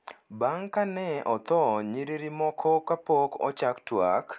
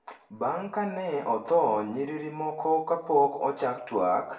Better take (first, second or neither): first